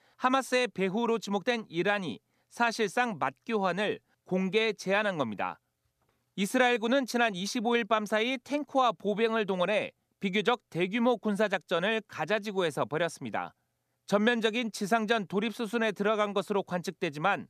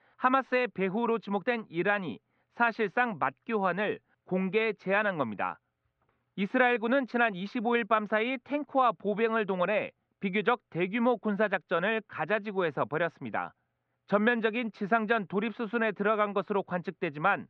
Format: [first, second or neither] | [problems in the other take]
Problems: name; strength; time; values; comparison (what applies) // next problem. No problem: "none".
first | muffled; very; fading above 3 kHz